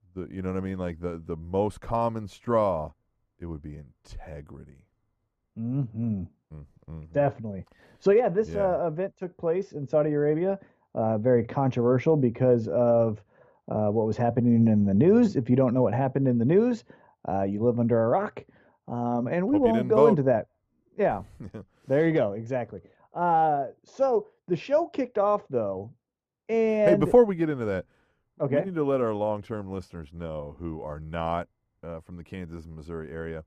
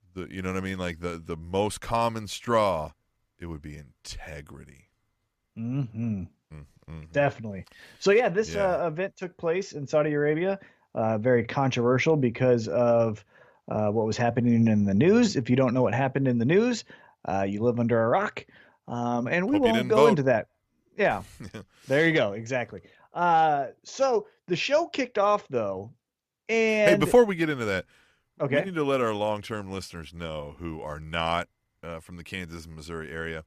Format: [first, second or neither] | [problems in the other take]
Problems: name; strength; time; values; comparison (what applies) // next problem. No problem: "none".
second | muffled; slightly; fading above 1.5 kHz